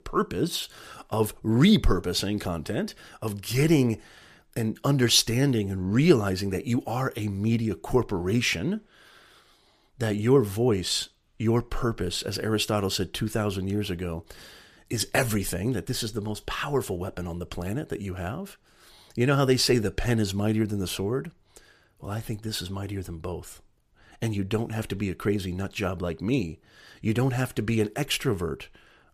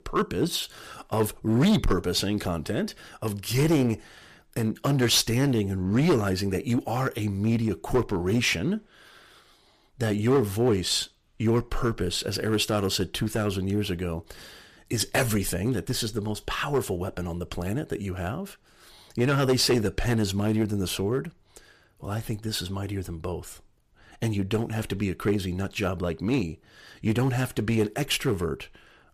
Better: first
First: none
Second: distortion; slight; 4% of the sound clipped

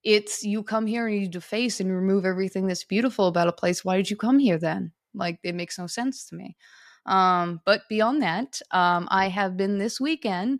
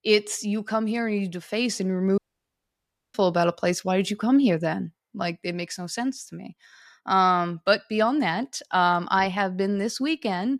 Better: first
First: none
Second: audio cutting out; at 2 s for 1 s

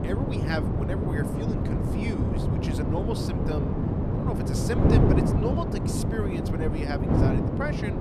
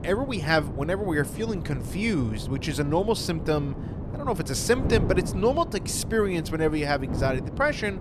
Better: second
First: wind noise on the microphone; heavy; 3 dB above the speech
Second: wind noise on the microphone; occasional gusts; 15 dB below the speech

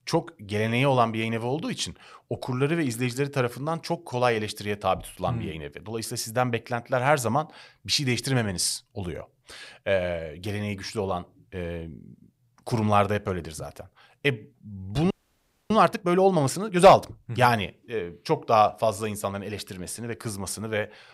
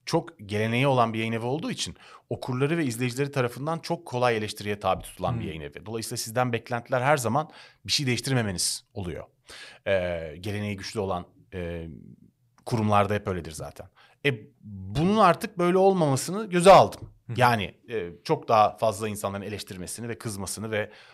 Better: second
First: audio freezing; at 15 s for 0.5 s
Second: none

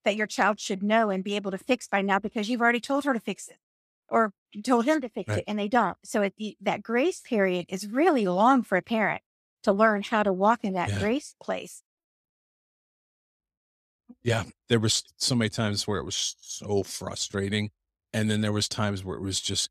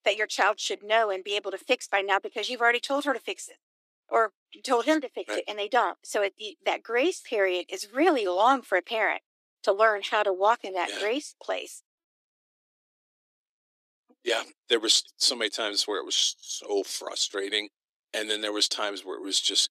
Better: first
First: none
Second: thin; somewhat; fading below 300 Hz

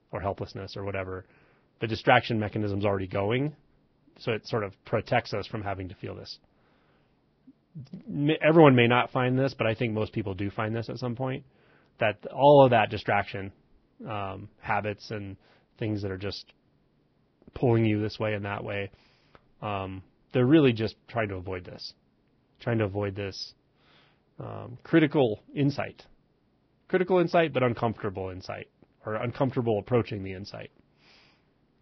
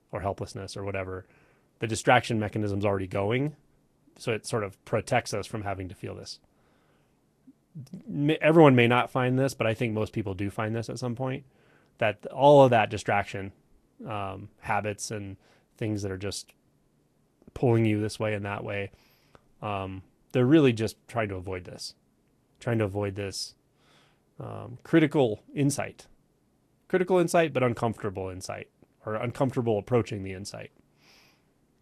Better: second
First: garbled, watery; badly; nothing above 5.5 kHz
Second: garbled, watery; slightly; nothing above 11.5 kHz

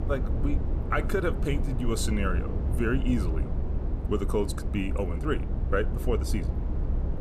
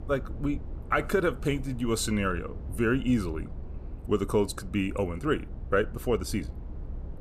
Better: second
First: low rumble; loud; throughout; 9 dB below the speech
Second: low rumble; faint; throughout; 20 dB below the speech

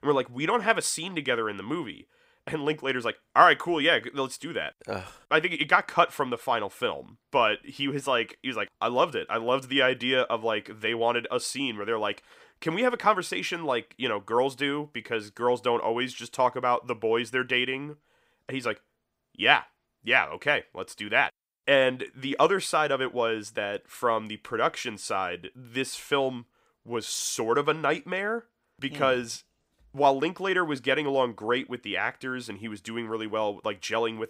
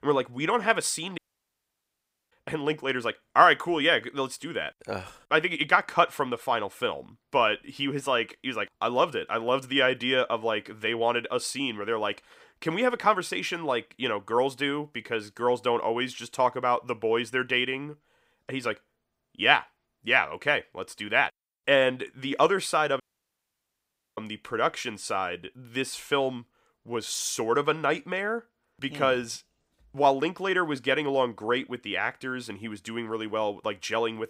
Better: first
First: none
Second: audio cutting out; at 1 s for 1 s and at 23 s for 1 s

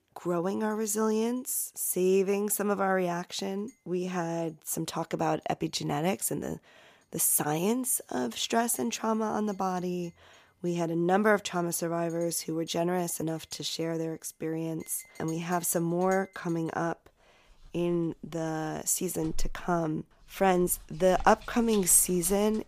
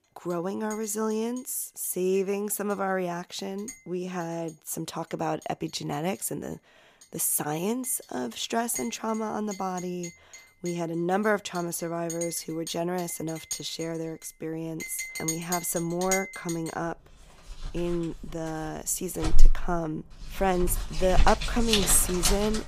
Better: first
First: household noises; faint; throughout; 20 dB below the speech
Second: household noises; loud; throughout; 4 dB below the speech

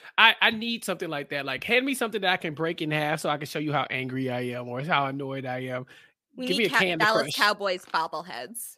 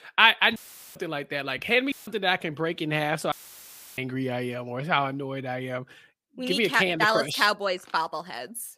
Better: first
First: none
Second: audio cutting out; filled with static; at 0.5 s, at 2 s and at 3.5 s for 0.5 s

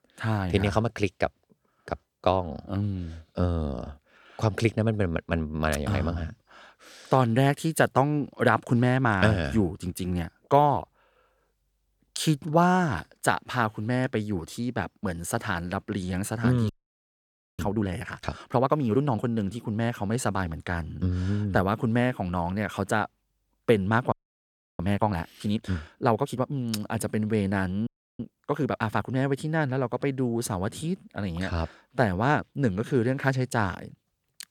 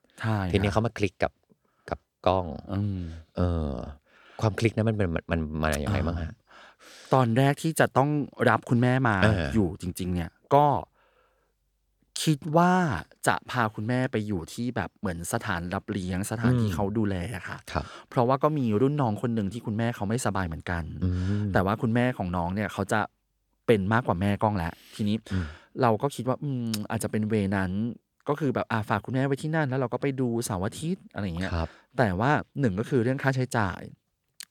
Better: second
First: audio freezing; at 17 s for 1 s, at 24 s for 0.5 s and at 28 s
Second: none

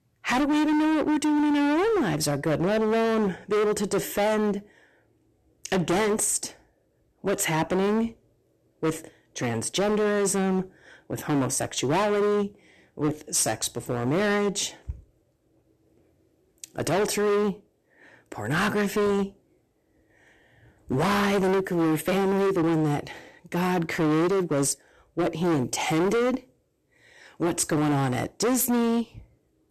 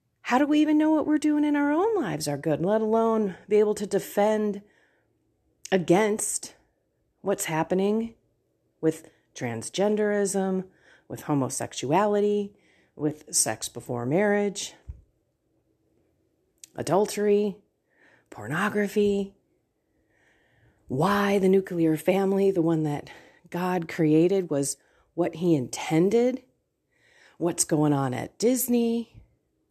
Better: second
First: distortion; heavy; 20% of the sound clipped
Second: none

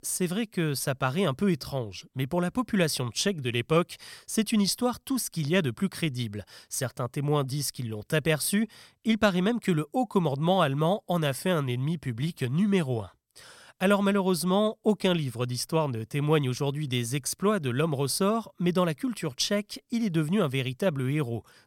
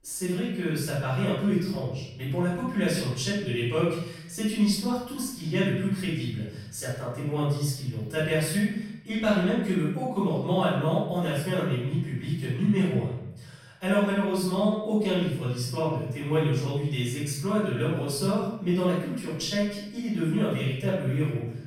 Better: first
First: none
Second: off-mic speech; far // room echo; noticeable; dies away in 0.8 s

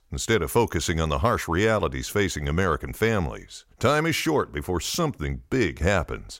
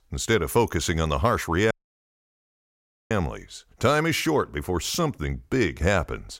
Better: first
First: none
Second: audio cutting out; at 1.5 s for 1.5 s

